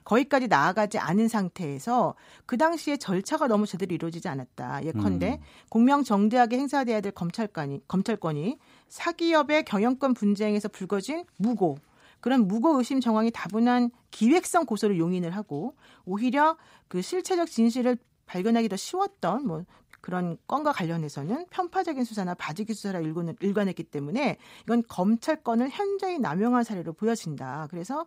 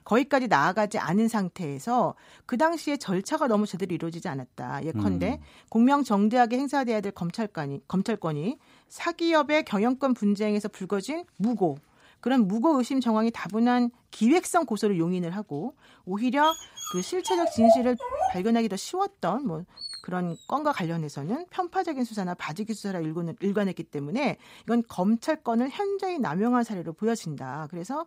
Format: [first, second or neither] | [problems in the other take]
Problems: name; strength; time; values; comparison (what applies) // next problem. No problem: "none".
first | dog barking; loud; from 16 to 20 s; peak 5 dB above the speech